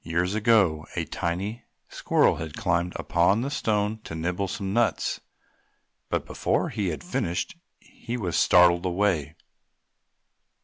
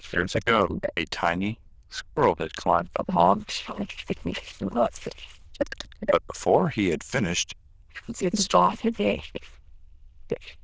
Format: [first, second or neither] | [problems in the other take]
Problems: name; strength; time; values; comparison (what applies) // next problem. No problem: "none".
first | noise reduction (neural diffusion model UNIVERSE++)